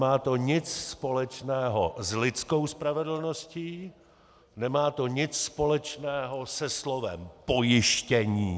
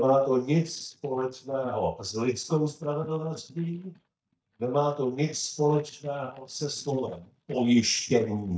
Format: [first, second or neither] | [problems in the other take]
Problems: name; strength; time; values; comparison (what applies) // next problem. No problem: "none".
first | noise reduction (neural mask model DeepFilterNet 3)